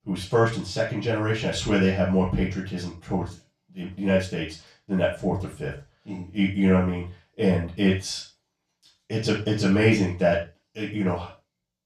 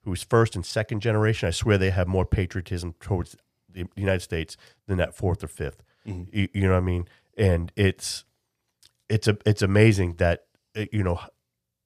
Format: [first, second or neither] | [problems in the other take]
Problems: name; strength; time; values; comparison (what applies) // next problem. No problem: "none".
second | room echo; noticeable; dies away in 0.3 s // off-mic speech; far